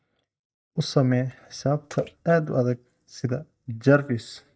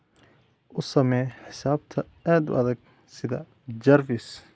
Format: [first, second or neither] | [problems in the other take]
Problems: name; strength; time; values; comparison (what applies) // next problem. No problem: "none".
second | noise reduction (neural mask model DeepFilterNet 3)